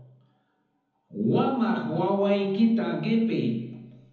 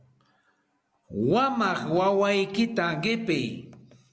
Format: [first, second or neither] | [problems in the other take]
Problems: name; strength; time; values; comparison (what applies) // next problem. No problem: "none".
second | room echo; dies away in 1.1 s